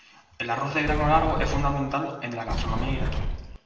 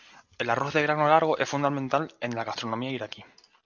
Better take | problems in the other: second | background sound (Sliding door); as loud as the speech // room echo; dies away in 1.1 s

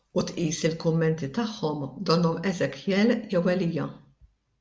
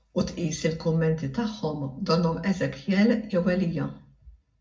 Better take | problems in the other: first | room echo; dies away in 0.4 s

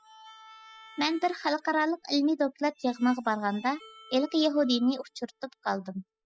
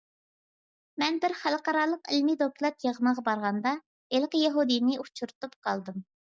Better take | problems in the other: second | noise reduction (classical method spectral subtraction)

